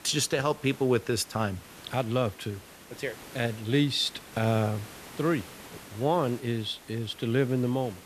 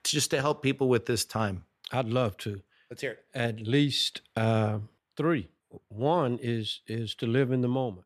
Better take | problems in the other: second | hiss; noticeable; throughout; 20 dB below the speech

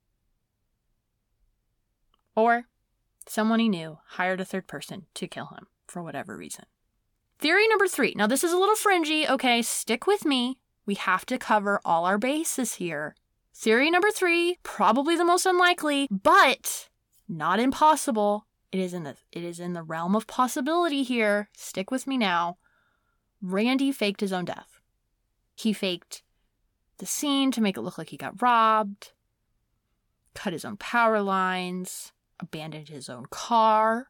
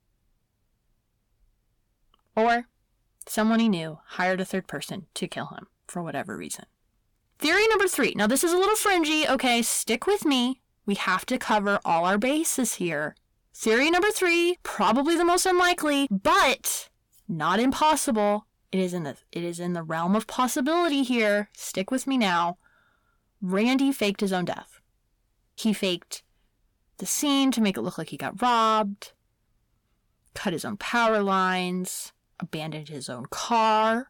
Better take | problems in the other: first | distortion; slight; 10 dB below the speech

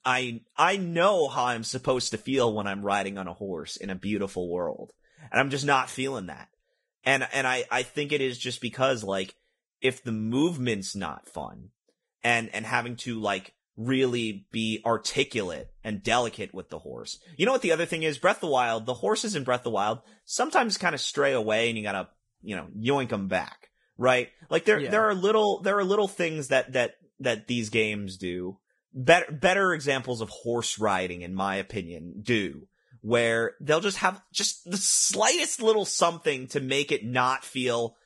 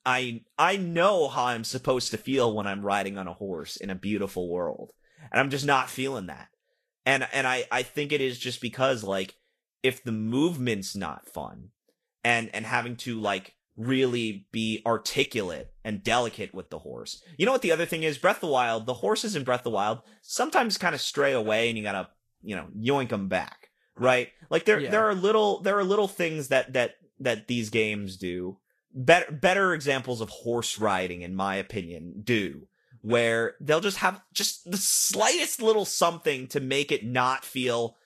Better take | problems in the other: second | garbled, watery; badly; nothing above 10.5 kHz; slightly in the second

